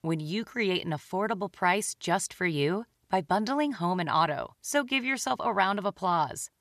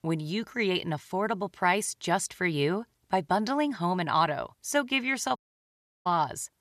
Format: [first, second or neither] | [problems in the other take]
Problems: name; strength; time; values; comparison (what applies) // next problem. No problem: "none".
first | audio cutting out; at 5.5 s for 0.5 s